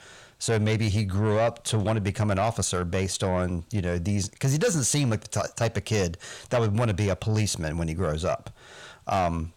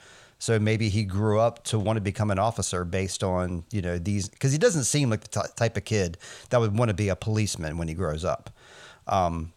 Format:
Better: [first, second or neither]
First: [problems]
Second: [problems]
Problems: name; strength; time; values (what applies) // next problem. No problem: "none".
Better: second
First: distortion; slight; 10 dB below the speech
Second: none